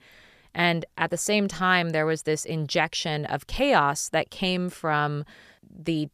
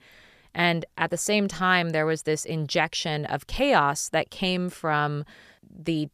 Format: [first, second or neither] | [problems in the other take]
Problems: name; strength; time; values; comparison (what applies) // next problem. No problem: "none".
neither | none